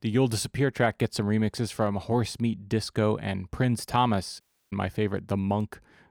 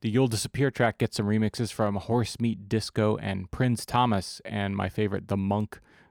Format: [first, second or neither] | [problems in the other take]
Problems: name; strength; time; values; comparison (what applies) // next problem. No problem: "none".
second | audio cutting out; at 4.5 s